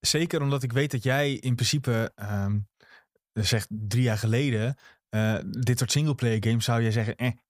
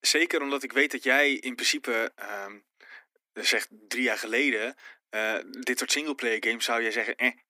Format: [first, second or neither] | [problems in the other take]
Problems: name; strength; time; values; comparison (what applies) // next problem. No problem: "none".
first | thin; very; fading below 250 Hz